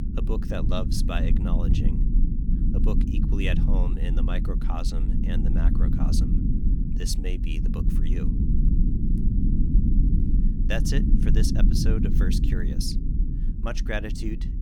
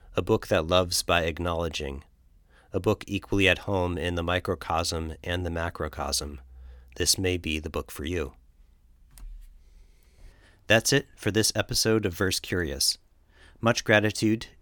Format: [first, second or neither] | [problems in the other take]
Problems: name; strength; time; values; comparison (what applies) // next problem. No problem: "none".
second | low rumble; loud; throughout; 2 dB below the speech